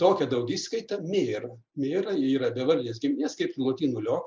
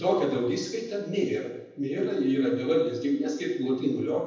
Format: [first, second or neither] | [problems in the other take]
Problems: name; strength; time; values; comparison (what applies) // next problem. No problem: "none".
first | room echo; dies away in 0.9 s